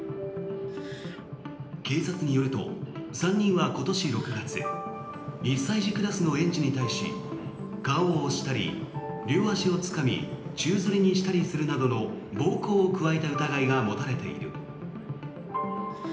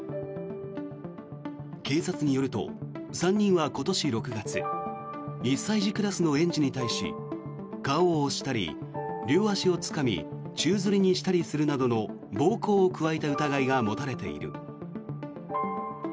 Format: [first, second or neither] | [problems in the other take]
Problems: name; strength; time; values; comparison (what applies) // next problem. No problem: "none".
second | background sound (Subway, metro, underground); 19 dB below the speech // room echo; dies away in 0.8 s